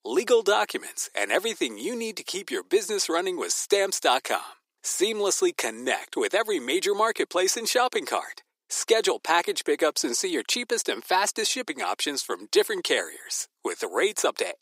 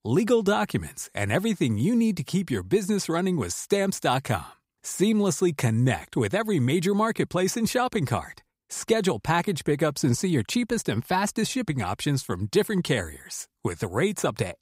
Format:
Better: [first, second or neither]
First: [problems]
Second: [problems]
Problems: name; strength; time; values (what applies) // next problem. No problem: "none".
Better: second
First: thin; very; fading below 350 Hz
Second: none